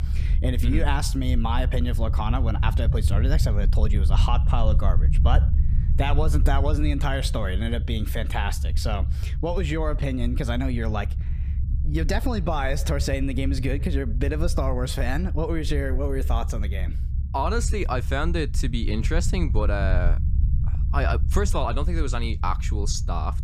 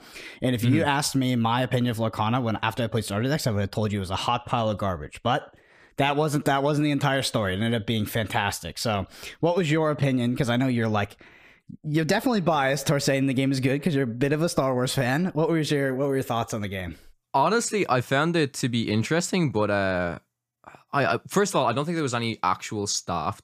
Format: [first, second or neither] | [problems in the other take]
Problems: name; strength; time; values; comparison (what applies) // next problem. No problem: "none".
second | low rumble; noticeable; throughout; 15 dB below the speech